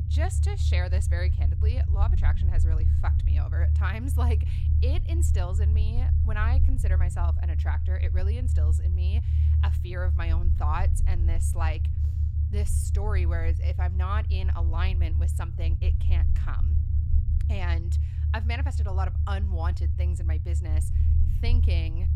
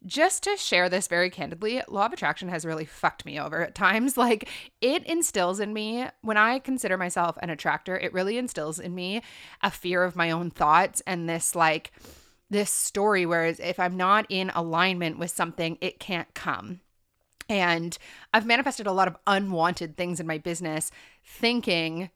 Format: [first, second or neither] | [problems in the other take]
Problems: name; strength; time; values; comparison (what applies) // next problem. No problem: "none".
second | low rumble; loud; throughout; 4 dB below the speech